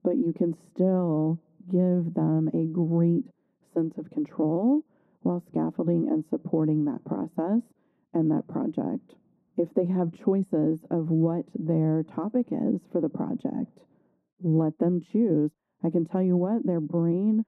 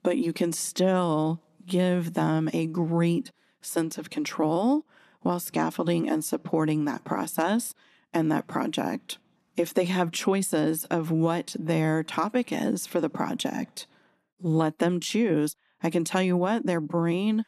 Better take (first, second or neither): second